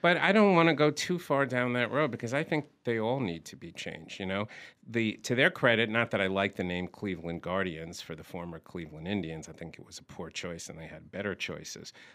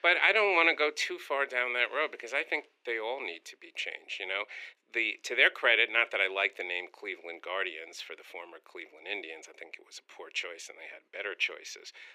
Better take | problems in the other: first | thin; very; fading below 350 Hz

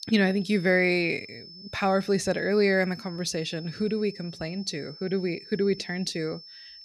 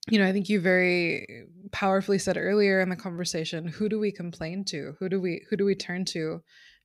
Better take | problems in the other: second | high-pitched whine; noticeable; throughout; 5.5 kHz, 15 dB below the speech

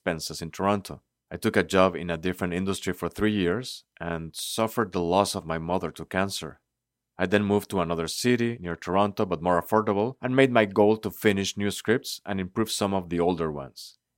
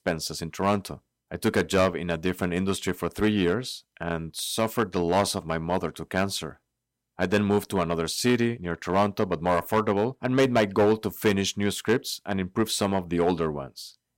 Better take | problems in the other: first | distortion; slight; 3% of the sound clipped

